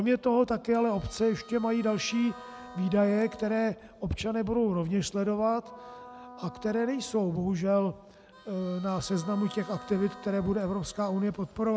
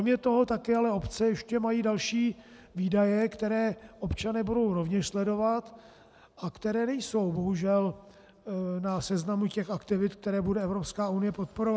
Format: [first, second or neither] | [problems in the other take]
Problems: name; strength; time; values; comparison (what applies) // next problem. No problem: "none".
second | background sound (Wind instrument, woodwind instrument + Harmonica); 19 dB below the speech